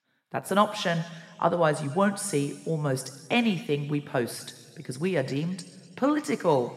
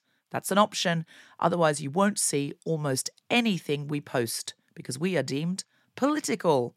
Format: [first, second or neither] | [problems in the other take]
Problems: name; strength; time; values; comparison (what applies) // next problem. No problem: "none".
second | room echo; slight; dies away in 1.5 s